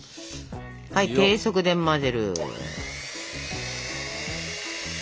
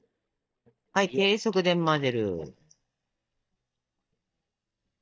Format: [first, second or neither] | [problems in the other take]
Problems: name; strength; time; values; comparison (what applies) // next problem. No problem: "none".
first | noise reduction (neural mask model DeepFilterNet 3)